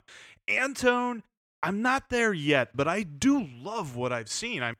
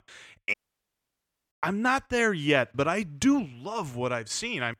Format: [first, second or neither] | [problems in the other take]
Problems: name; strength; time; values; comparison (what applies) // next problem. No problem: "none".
first | audio cutting out; at 0.5 s for 1 s